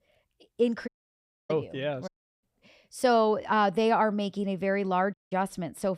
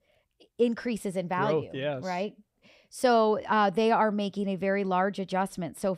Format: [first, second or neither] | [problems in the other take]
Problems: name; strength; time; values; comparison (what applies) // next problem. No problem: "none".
second | audio cutting out; at 1 s for 0.5 s, at 2 s and at 5 s